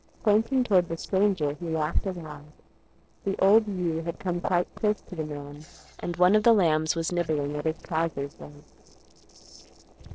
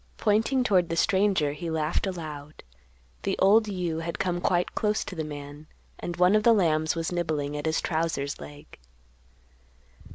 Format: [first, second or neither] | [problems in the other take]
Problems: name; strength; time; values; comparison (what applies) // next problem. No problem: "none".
second | noise reduction (neural separator model SepFormer DNS4)